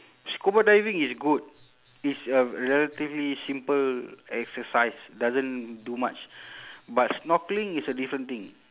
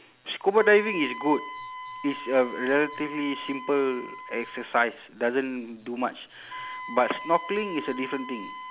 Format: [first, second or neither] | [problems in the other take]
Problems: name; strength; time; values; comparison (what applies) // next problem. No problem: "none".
first | background sound (Wind instrument, woodwind instrument); 13 dB below the speech